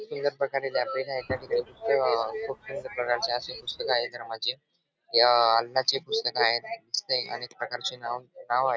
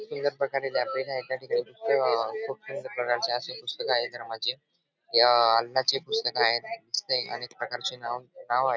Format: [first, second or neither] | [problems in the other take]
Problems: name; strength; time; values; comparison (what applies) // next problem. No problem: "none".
second | background sound (Gunshot, gunfire); 19 dB below the speech